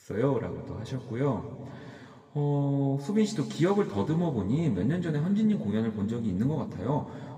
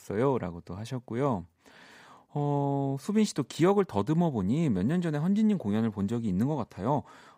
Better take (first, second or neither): second